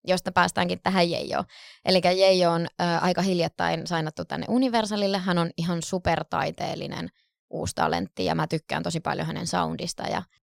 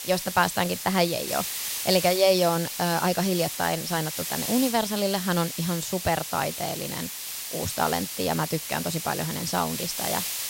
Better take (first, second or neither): first